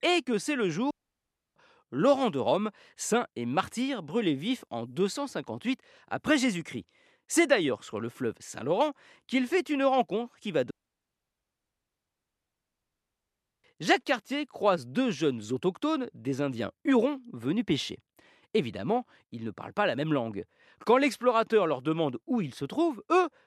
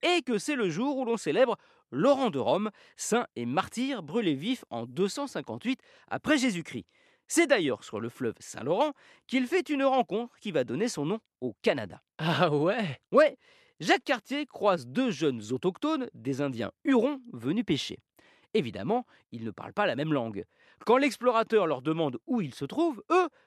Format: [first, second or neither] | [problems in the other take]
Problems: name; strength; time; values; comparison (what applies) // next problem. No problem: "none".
second | audio cutting out; at 1 s for 0.5 s and at 11 s for 3 s